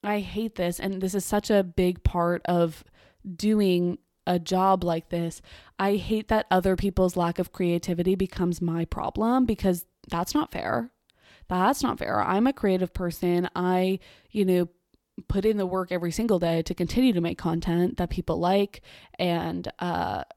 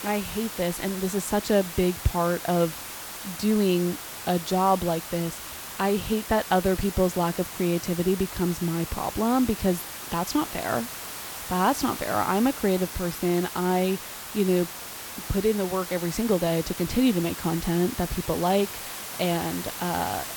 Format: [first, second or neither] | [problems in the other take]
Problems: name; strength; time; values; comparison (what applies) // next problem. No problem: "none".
first | hiss; loud; throughout; 9 dB below the speech